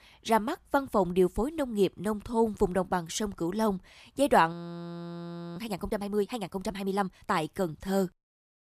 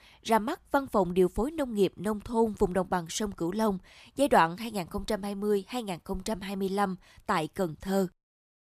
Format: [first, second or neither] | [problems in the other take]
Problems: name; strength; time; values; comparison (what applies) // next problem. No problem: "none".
second | audio freezing; at 4.5 s for 1 s